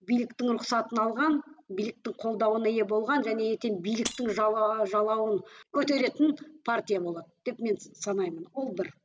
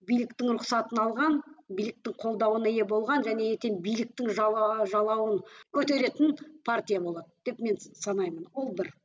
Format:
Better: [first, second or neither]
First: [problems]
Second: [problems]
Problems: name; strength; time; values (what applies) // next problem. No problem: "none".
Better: second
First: background sound (Shatter); 15 dB below the speech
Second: none